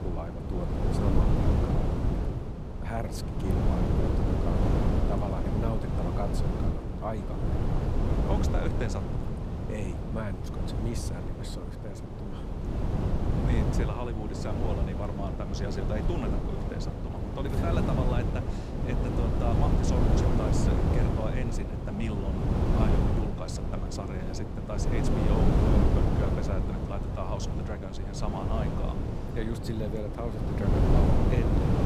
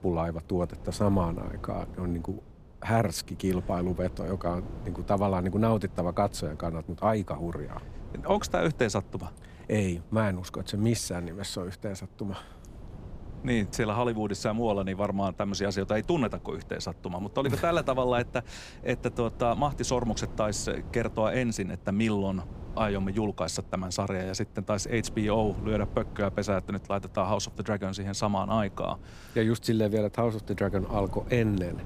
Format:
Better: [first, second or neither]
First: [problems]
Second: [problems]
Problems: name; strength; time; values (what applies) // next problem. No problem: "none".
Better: second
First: wind noise on the microphone; heavy; 3 dB above the speech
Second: wind noise on the microphone; occasional gusts; 20 dB below the speech